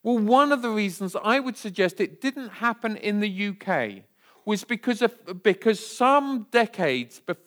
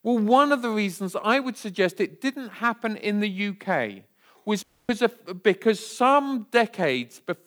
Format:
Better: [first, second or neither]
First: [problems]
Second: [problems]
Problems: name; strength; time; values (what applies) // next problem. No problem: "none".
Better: first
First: none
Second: audio cutting out; at 4.5 s